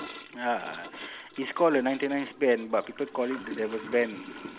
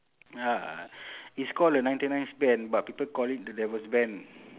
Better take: second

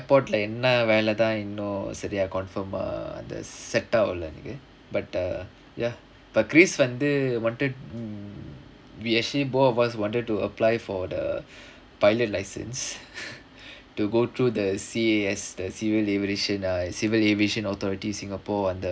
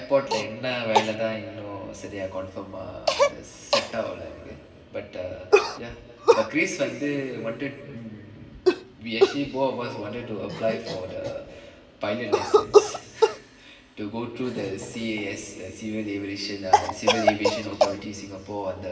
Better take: first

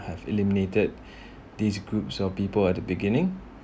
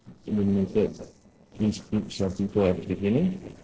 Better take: first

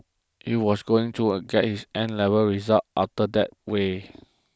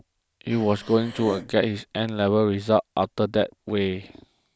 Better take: first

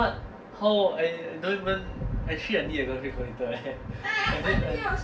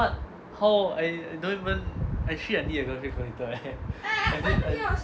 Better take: second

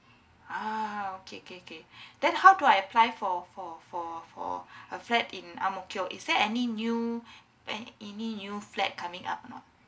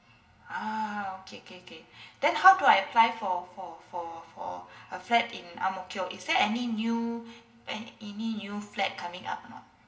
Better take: first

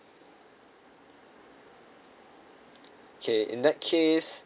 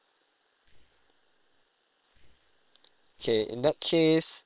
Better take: first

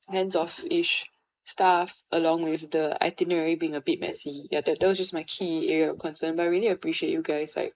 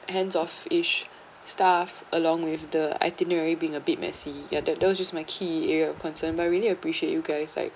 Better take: second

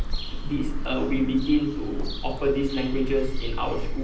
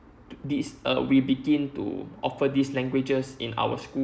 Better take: second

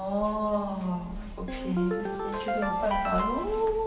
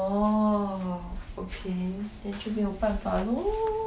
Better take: second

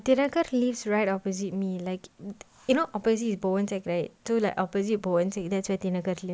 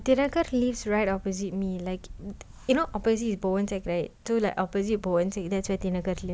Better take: first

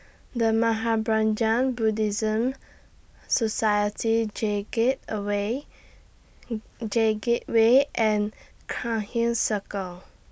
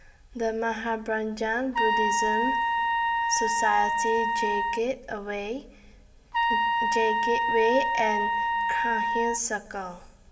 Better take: first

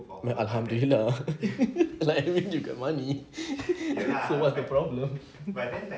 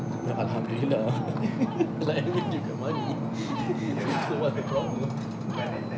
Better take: first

